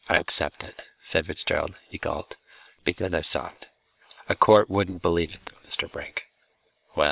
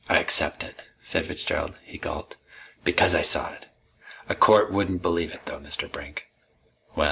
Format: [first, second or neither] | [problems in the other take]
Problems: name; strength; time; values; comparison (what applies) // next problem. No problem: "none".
second | noise reduction (neural separator model SepFormer WHAM!)